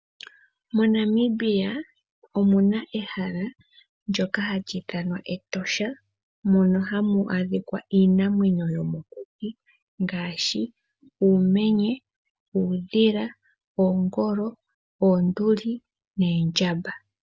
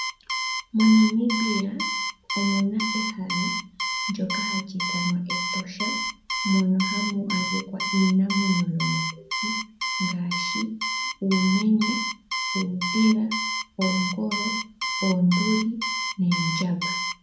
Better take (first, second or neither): first